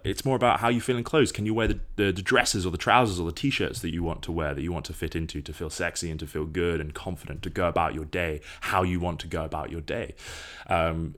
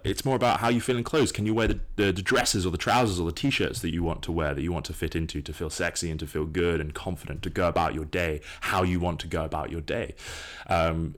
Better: first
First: none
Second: distortion; slight; 4% of the sound clipped

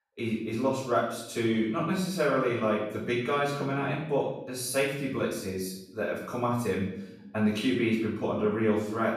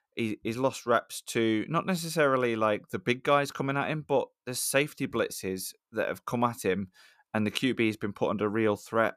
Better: second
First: off-mic speech; far // room echo; noticeable; dies away in 0.7 s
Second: none

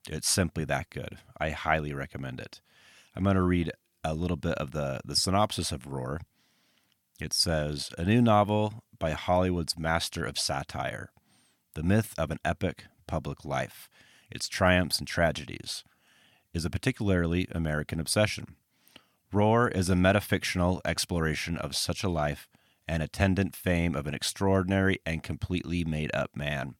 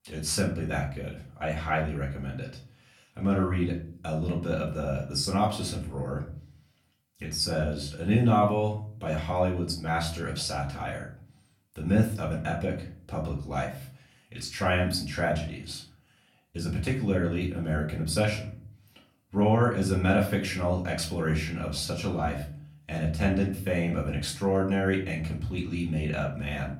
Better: first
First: none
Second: off-mic speech; far // room echo; slight; dies away in 0.5 s

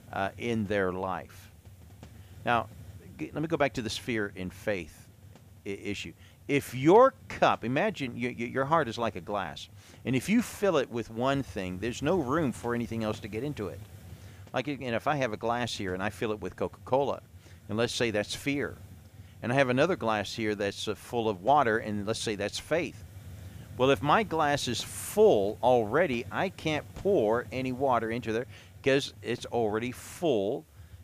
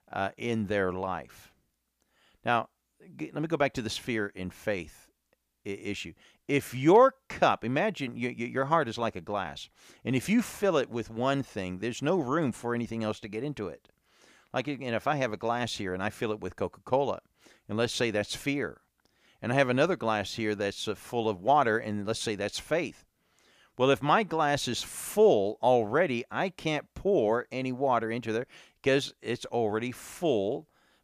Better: second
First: hiss; faint; throughout; 20 dB below the speech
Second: none

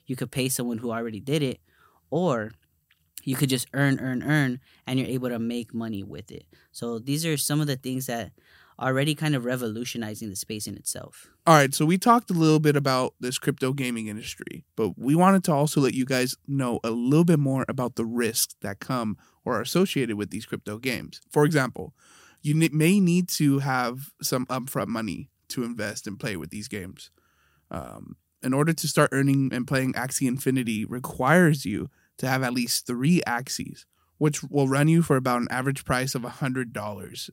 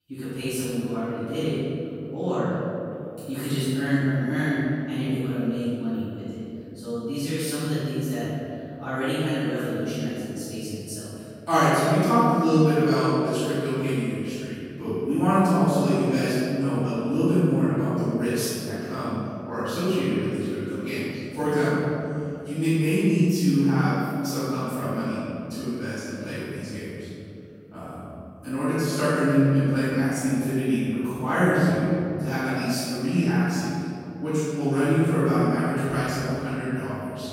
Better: first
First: none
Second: off-mic speech; far // room echo; strong; dies away in 2.8 s

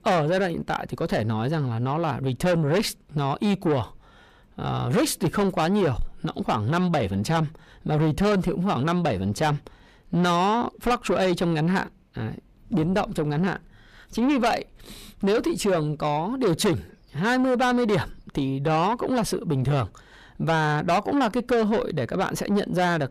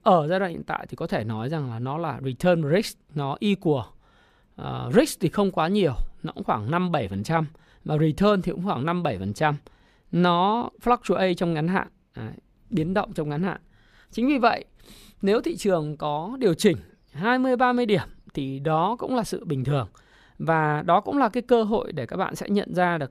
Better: second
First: distortion; heavy; 8 dB below the speech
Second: none

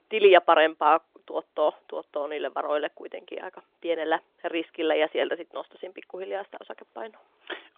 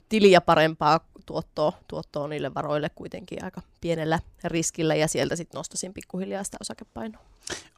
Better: second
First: phone-call audio; nothing above 3.5 kHz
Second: none

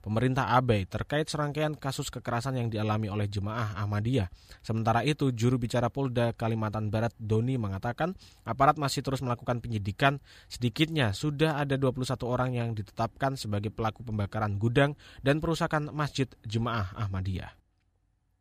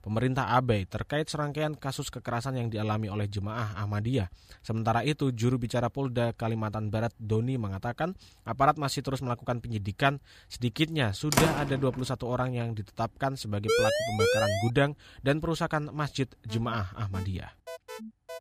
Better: first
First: none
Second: door banging; loud; at 11 s; peak 4 dB above the speech // siren; loud; from 14 to 15 s; peak 5 dB above the speech // alarm; faint; from 16 s on; peak 10 dB below the speech

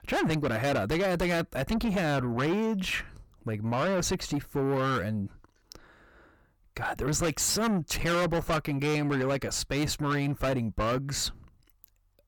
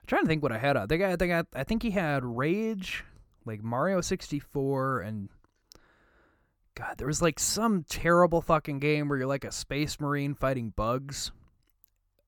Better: second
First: distortion; heavy; 6 dB below the speech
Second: none

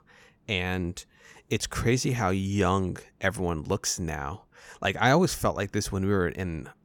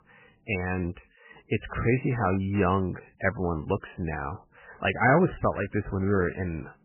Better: first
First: none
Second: garbled, watery; badly; nothing above 3 kHz

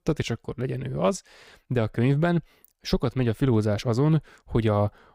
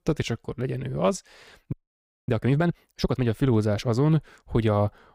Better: first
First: none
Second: audio freezing; at 1.5 s for 0.5 s

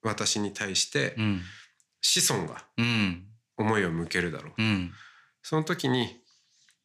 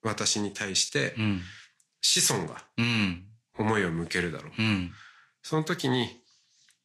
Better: first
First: none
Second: garbled, watery; slightly; nothing above 11.5 kHz

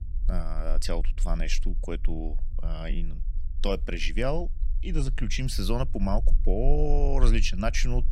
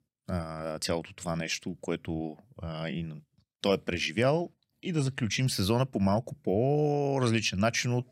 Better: second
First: low rumble; faint; throughout; 20 dB below the speech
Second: none

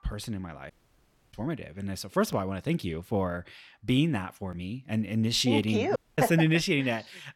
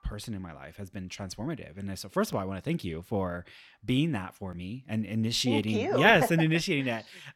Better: second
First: audio cutting out; at 0.5 s for 0.5 s and at 6 s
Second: none

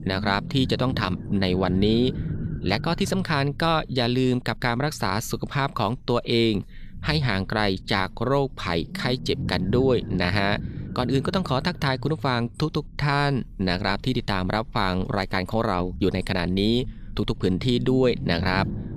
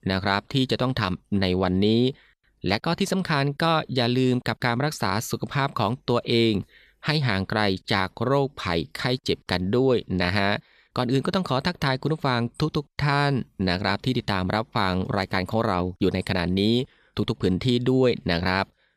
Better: second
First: low rumble; noticeable; throughout; 15 dB below the speech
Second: none

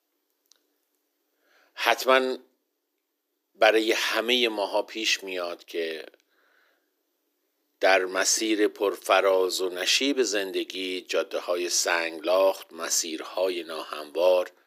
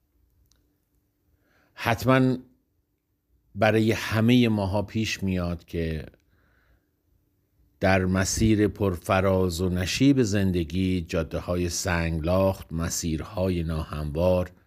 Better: second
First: thin; very; fading below 350 Hz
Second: none

